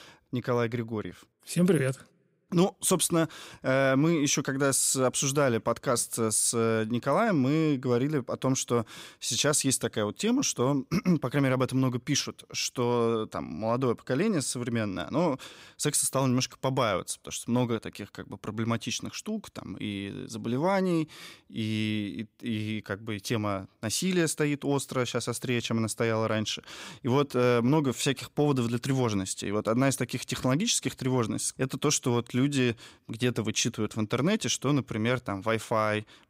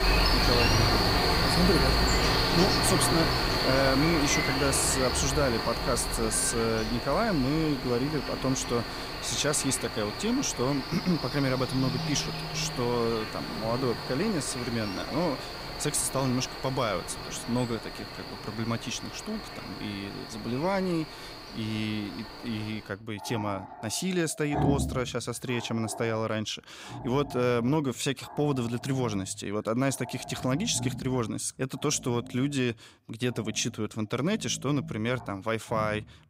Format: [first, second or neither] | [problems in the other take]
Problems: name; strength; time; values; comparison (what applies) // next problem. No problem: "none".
first | animal sounds; loud; throughout; as loud as the speech